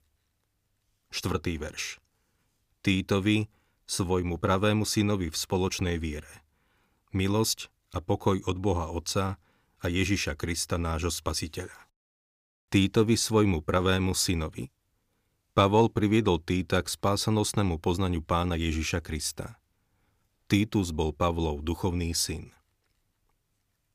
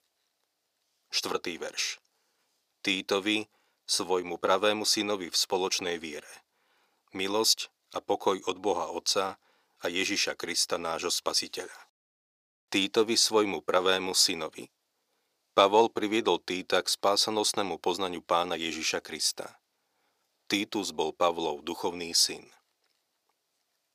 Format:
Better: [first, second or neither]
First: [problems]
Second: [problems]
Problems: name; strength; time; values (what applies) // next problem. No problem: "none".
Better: first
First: none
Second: thin; somewhat; fading below 450 Hz